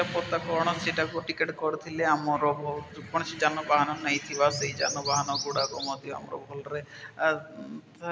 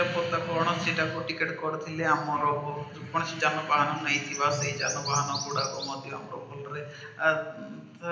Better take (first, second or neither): first